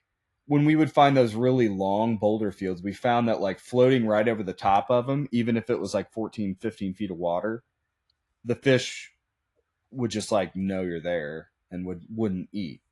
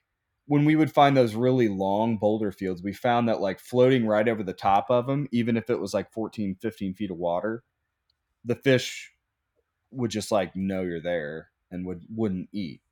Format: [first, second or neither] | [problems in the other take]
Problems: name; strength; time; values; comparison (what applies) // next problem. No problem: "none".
second | garbled, watery; slightly; nothing above 11 kHz